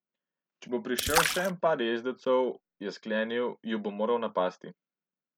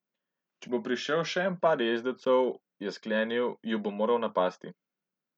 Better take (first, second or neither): second